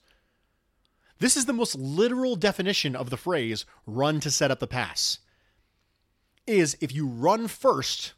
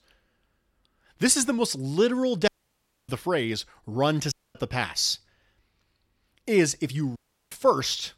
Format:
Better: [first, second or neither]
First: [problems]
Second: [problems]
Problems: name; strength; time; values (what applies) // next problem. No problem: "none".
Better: first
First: none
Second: audio cutting out; at 2.5 s for 0.5 s, at 4.5 s and at 7 s